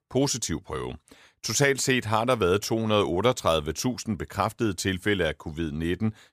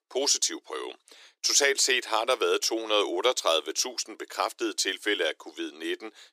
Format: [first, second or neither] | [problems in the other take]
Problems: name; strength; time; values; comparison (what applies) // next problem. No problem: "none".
first | thin; very; fading below 300 Hz